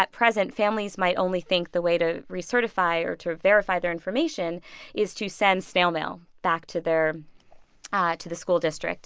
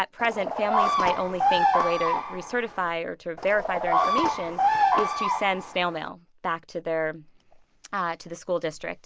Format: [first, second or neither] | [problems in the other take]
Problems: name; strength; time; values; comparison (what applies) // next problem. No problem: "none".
first | background sound (Bird vocalization, bird call, bird song); 4 dB above the speech